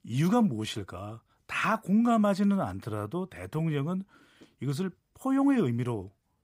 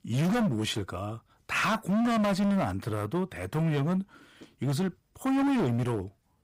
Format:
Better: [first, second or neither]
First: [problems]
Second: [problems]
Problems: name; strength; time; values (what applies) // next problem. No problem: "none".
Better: first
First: none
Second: distortion; heavy; 20% of the sound clipped